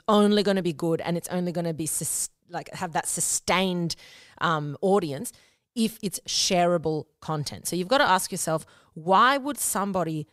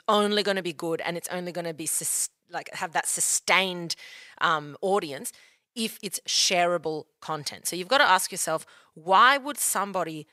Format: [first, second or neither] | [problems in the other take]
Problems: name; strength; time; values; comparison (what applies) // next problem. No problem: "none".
first | thin; somewhat; fading below 1 kHz